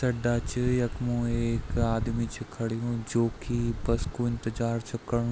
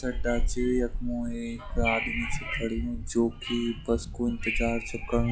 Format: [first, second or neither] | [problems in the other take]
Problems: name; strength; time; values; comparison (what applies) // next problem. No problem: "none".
first | noise reduction (classical method log-MMSE)